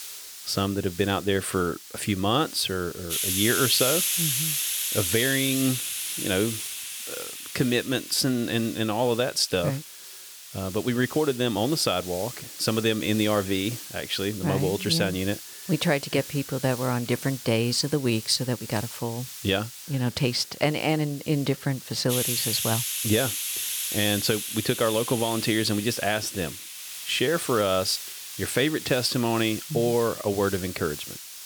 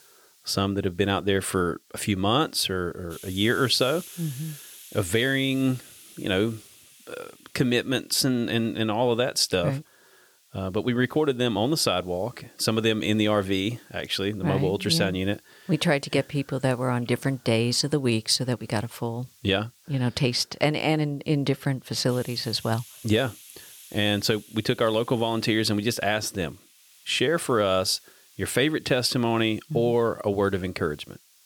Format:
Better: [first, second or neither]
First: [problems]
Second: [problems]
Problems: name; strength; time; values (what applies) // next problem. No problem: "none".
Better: second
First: hiss; loud; throughout; 5 dB below the speech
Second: hiss; faint; throughout; 25 dB below the speech